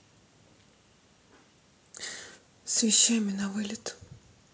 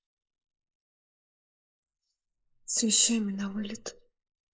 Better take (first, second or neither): first